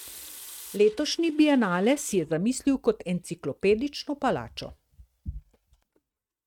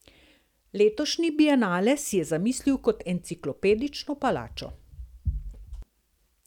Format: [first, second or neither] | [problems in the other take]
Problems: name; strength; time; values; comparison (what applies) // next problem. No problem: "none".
second | noise reduction (neural mask model RNNoise)